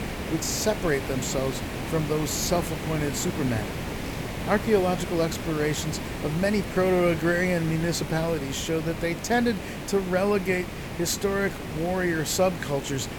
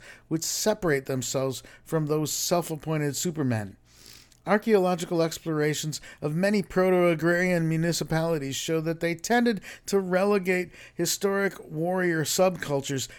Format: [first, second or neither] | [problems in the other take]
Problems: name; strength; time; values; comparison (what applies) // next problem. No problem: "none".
second | hiss; loud; throughout; 7 dB below the speech